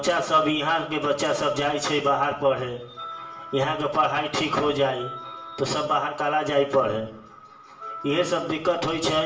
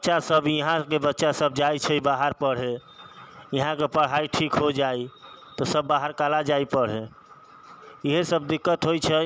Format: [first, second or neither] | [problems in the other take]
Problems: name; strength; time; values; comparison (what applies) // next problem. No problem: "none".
second | background sound (Wind instrument, woodwind instrument); 17 dB below the speech // room echo; dies away in 0.7 s